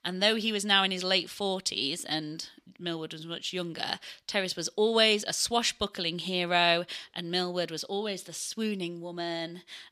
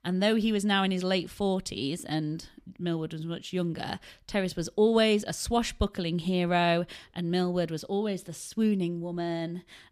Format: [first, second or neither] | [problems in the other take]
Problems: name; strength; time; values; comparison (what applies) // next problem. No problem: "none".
second | thin; very slightly; fading below 1 kHz